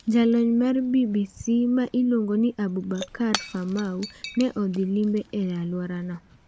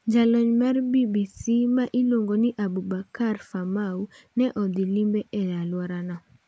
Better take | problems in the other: second | background sound (Shatter / Crushing); 17 dB below the speech

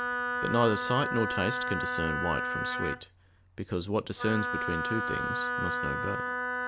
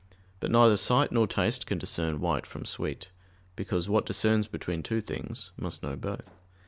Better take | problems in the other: second | background sound (Wind instrument, woodwind instrument); as loud as the speech

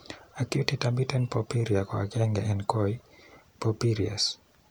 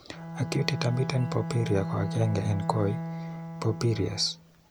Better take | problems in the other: first | background sound (Bowed string instrument); 6 dB below the speech

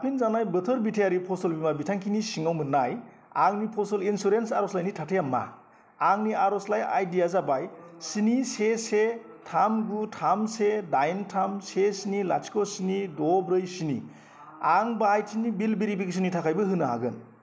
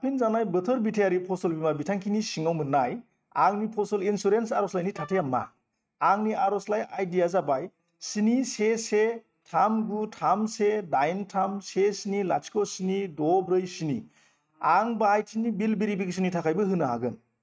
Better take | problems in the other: first | noise reduction (neural mask model RNNoise)

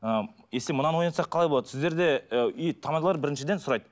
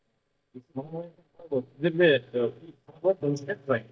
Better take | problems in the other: first | noise reduction (neural mask model DeepFilterNet 3)

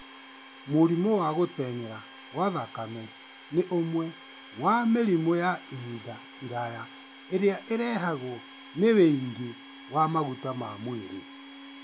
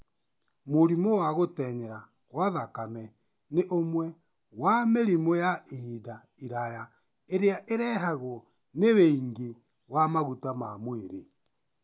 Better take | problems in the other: second | background sound (Domestic sounds, home sounds); 19 dB below the speech

